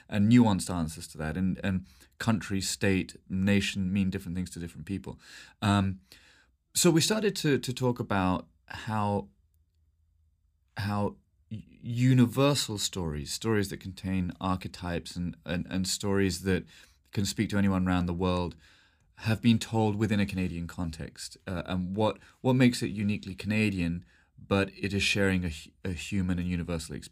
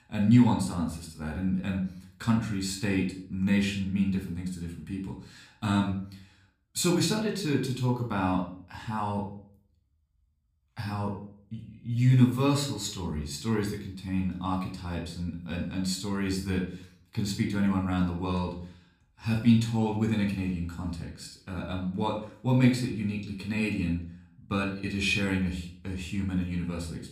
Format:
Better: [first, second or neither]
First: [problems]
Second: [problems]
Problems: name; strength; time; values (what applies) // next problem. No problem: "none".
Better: first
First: none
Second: room echo; slight; dies away in 0.4 s // off-mic speech; somewhat distant